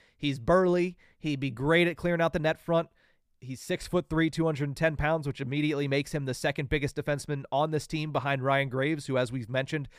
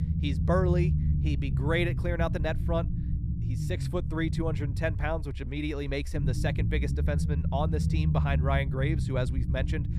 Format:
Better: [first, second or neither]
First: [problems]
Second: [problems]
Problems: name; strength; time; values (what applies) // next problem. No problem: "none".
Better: first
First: none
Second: low rumble; loud; throughout; 8 dB below the speech